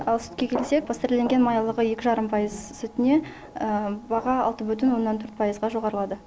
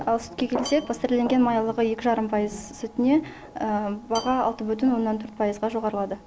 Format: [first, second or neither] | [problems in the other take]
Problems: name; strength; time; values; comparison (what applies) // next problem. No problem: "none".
first | background sound (Dishes, pots, and pans / Glass / Bell); 18 dB below the speech